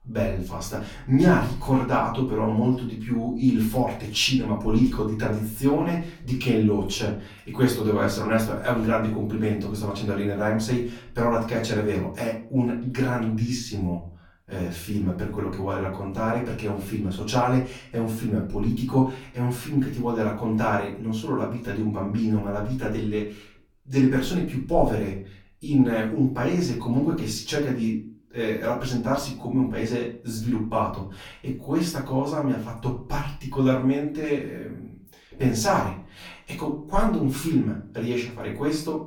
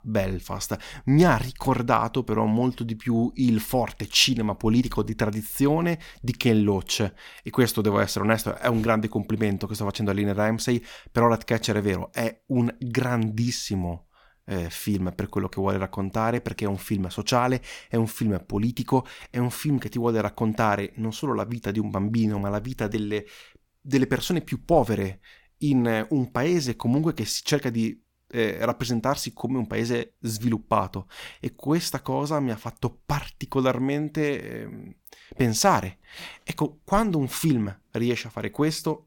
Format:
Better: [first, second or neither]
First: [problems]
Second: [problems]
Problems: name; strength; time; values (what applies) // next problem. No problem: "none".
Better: second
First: off-mic speech; far // room echo; slight; dies away in 0.4 s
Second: none